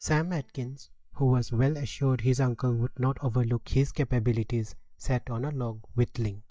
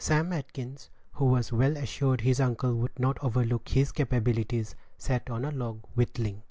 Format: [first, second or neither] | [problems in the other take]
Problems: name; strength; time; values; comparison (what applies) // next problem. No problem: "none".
second | noise reduction (neural mask model DeepFilterNet 3)